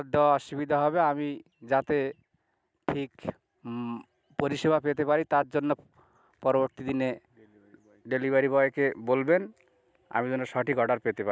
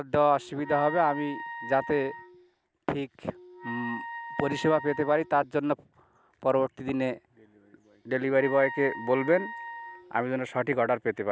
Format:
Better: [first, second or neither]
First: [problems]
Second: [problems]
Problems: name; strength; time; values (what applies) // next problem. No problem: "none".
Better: first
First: none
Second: background sound (Wind instrument, woodwind instrument); 12 dB below the speech